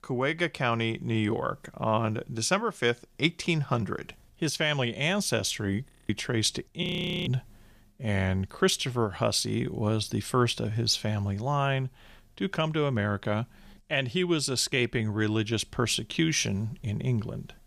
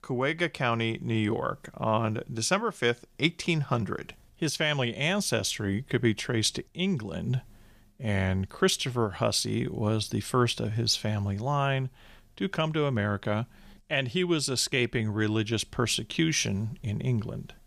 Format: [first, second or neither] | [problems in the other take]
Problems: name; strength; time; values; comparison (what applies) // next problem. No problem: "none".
second | audio freezing; at 6 s and at 7 s